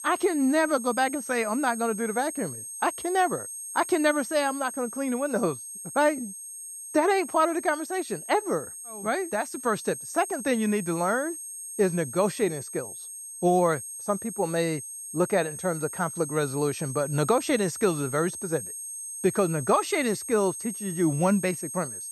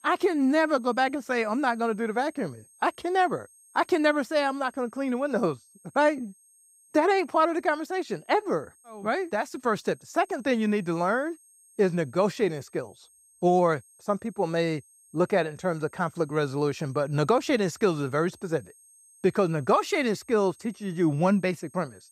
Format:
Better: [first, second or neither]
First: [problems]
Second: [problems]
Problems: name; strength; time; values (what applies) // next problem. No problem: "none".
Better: second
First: high-pitched whine; loud; throughout; 8.5 kHz, 8 dB below the speech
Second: high-pitched whine; faint; throughout; 8.5 kHz, 30 dB below the speech